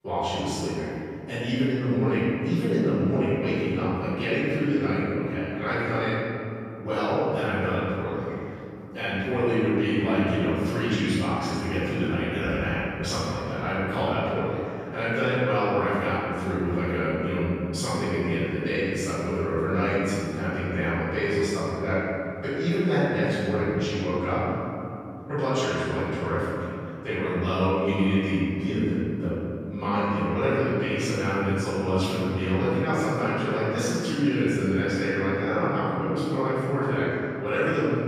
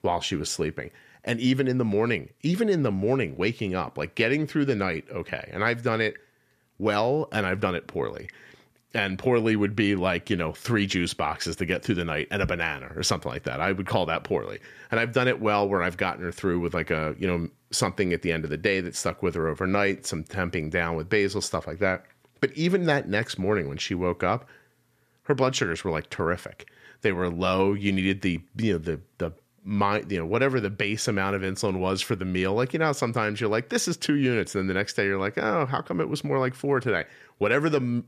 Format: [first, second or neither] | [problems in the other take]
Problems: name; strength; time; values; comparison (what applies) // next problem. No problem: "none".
second | room echo; strong; dies away in 3 s // off-mic speech; far